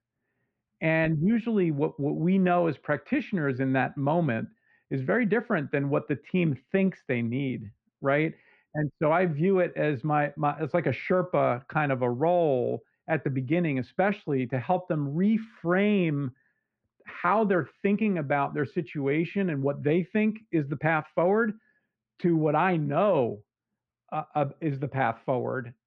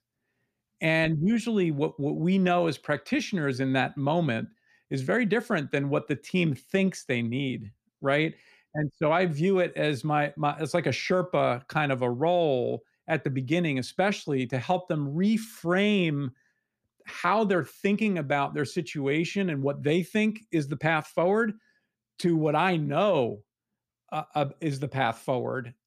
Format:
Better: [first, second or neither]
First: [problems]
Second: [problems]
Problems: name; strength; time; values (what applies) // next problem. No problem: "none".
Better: second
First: muffled; very; fading above 2 kHz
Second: none